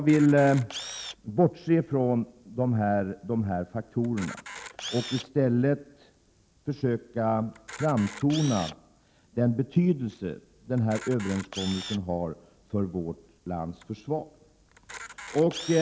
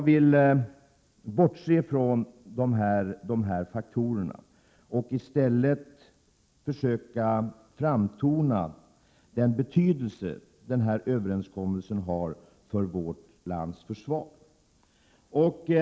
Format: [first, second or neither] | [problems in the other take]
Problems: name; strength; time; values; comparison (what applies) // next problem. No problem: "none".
second | background sound (Camera); 16 dB below the speech